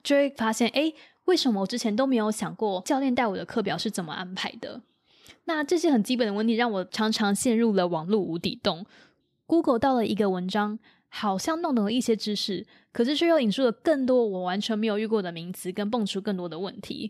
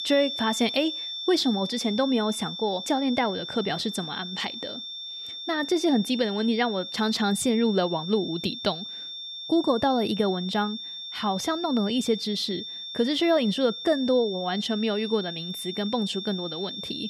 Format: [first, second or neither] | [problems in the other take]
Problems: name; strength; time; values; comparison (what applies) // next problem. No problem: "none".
first | high-pitched whine; loud; throughout; 3.5 kHz, 7 dB below the speech